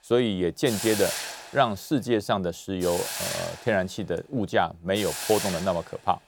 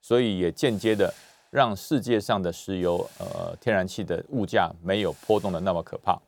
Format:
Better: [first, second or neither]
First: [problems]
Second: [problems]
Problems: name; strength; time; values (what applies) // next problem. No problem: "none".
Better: second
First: hiss; loud; throughout; 5 dB below the speech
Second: hiss; faint; throughout; 25 dB below the speech